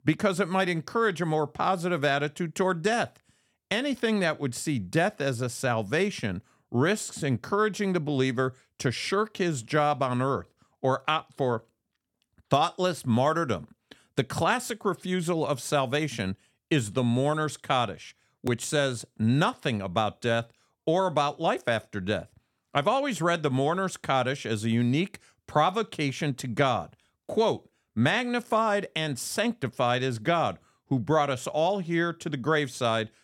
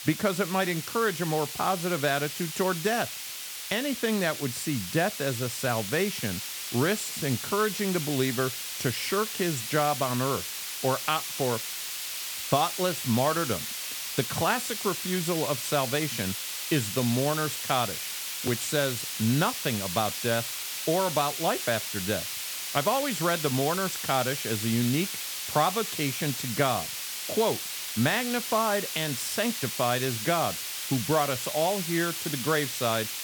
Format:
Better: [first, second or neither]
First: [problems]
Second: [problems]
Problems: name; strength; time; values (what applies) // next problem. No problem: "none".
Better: first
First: none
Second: hiss; loud; throughout; 3 dB below the speech